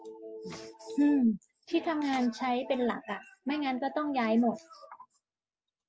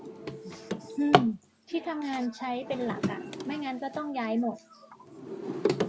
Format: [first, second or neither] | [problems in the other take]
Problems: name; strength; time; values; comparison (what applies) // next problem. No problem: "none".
first | background sound (Drawer open or close); as loud as the speech